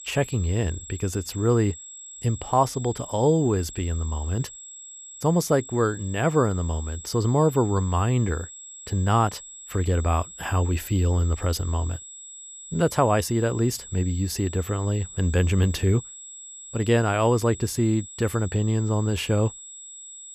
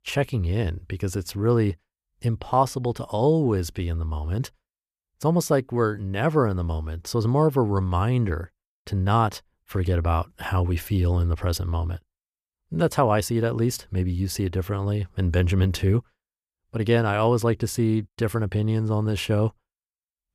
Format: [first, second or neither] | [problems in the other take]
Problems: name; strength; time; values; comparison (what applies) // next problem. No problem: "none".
second | high-pitched whine; noticeable; throughout; 7.5 kHz, 15 dB below the speech